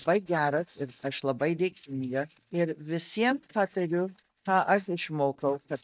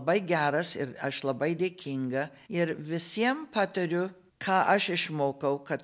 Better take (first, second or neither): second